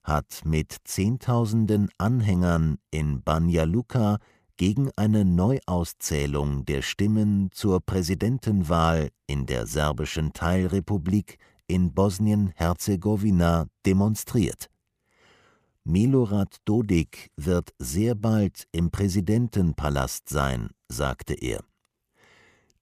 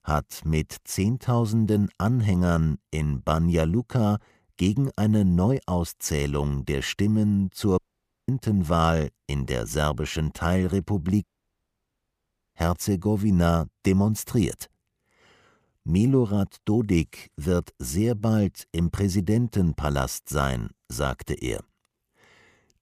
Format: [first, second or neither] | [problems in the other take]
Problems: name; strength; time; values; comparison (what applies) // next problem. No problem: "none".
first | audio cutting out; at 8 s and at 11 s for 1.5 s